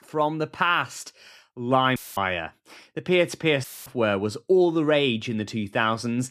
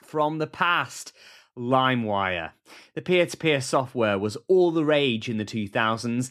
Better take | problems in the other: second | audio cutting out; filled with static; at 2 s and at 3.5 s

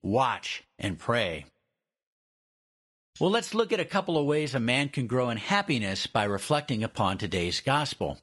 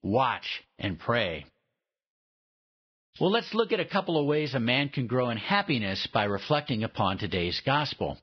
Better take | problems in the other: first | garbled, watery; badly; nothing above 5 kHz; slightly in the first

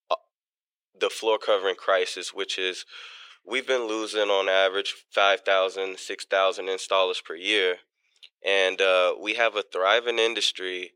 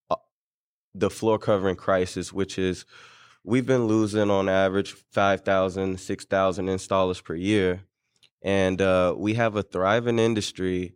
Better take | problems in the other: second | thin; very; fading below 450 Hz

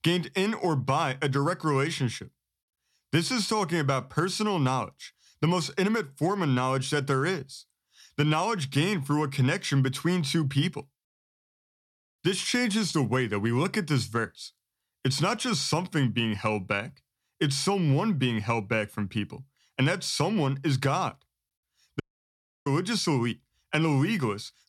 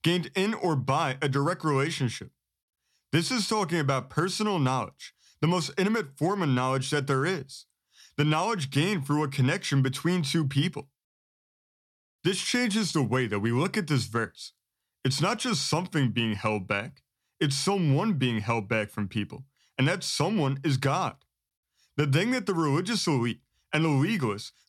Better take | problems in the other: second | audio cutting out; at 22 s for 0.5 s

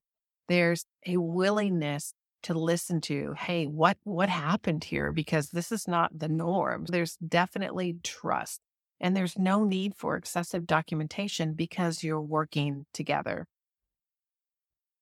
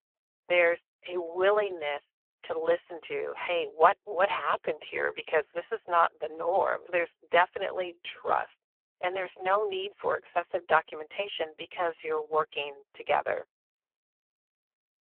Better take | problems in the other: first | phone-call audio; poor line

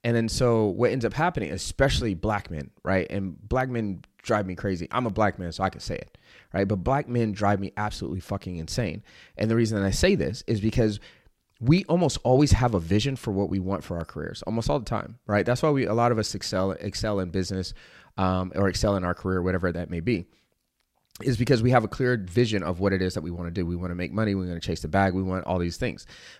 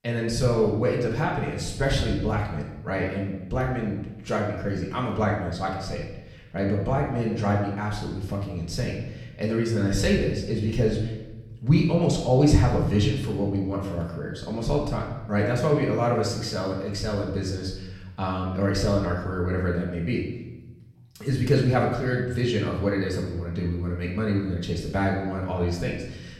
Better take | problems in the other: first | room echo; noticeable; dies away in 0.9 s // off-mic speech; far

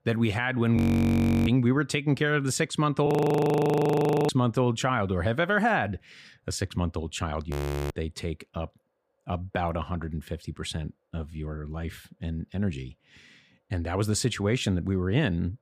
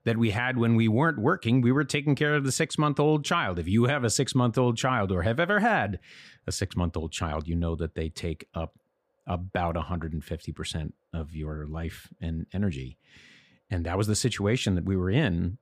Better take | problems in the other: second | audio freezing; at 1 s for 0.5 s, at 3 s for 1 s and at 7.5 s

